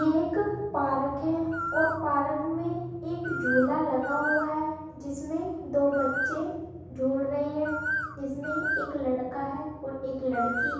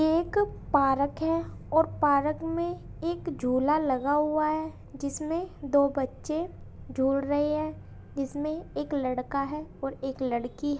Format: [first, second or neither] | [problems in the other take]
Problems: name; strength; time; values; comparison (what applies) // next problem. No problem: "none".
second | background sound (Bird); 7 dB below the speech // room echo; dies away in 1.1 s